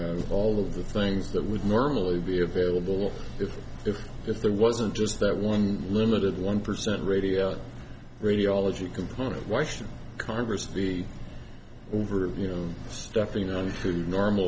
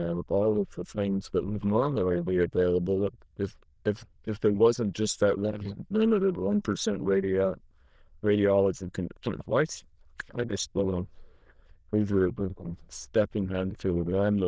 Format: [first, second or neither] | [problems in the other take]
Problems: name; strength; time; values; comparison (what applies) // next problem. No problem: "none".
first | noise reduction (neural diffusion model UNIVERSE++)